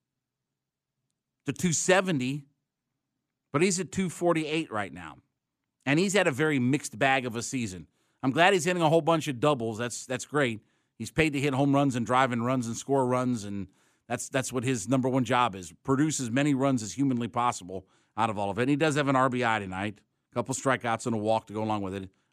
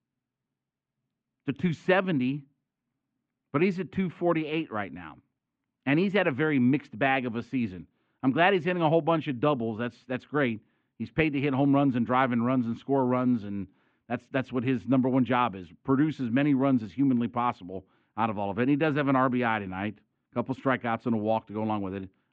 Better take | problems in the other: first | muffled; very; fading above 3 kHz

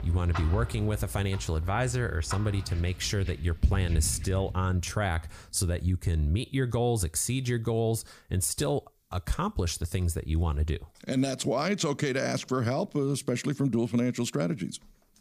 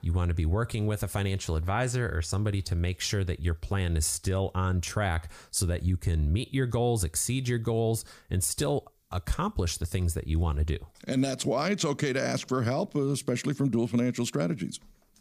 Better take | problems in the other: second | household noises; loud; until 4.5 s; 8 dB below the speech

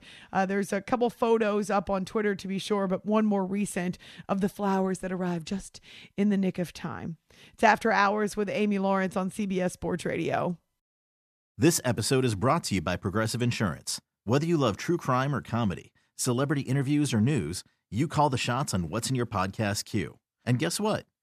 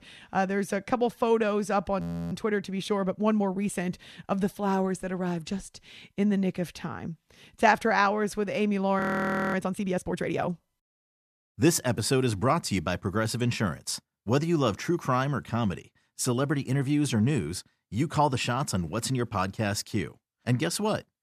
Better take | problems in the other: first | audio freezing; at 2 s and at 9 s for 0.5 s

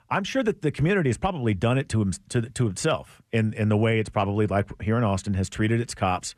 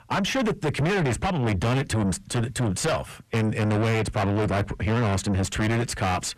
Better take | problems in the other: first | distortion; heavy; 5 dB below the speech

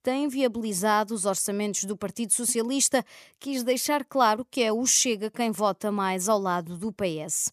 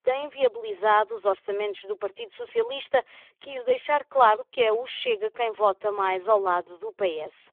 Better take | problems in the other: first | phone-call audio; poor line; nothing above 3.5 kHz

